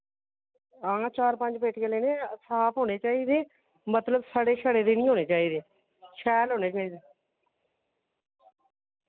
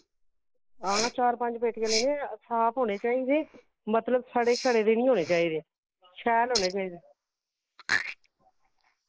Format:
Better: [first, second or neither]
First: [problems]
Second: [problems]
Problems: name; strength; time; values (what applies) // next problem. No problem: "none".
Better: first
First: none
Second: noise reduction (neural mask model Resemble Enhance denoiser)